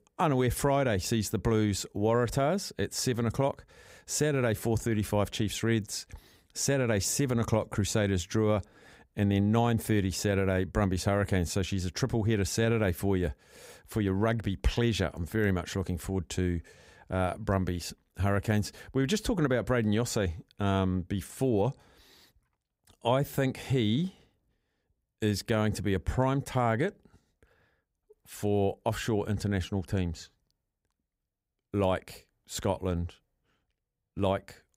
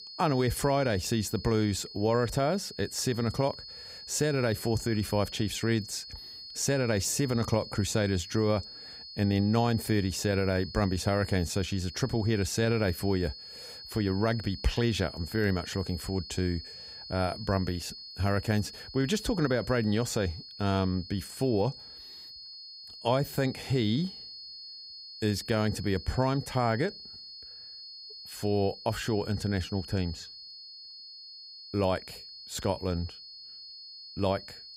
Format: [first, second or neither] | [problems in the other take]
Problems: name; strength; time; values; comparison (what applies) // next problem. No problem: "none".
first | high-pitched whine; noticeable; throughout; 4.5 kHz, 15 dB below the speech